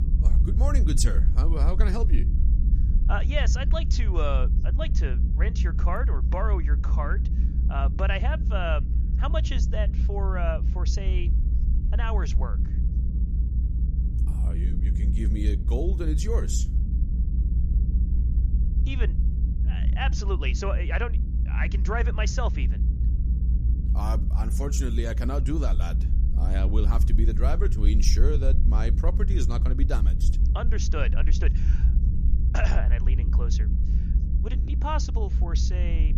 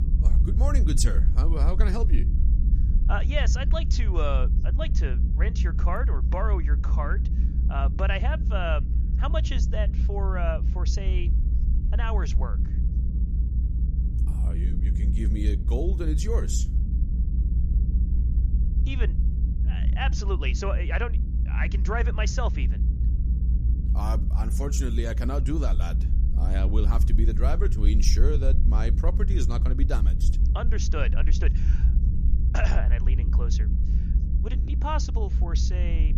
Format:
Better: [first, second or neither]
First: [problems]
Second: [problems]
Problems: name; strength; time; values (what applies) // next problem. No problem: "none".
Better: neither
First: low rumble; loud; throughout; 9 dB below the speech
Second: low rumble; loud; throughout; 9 dB below the speech